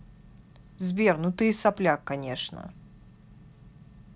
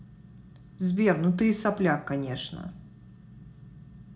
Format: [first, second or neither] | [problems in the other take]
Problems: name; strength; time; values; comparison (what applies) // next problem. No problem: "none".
first | room echo; dies away in 0.4 s